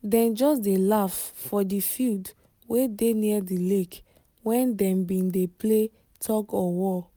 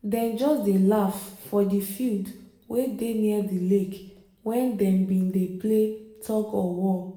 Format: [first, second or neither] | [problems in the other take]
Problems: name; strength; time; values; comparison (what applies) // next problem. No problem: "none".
first | room echo; dies away in 0.8 s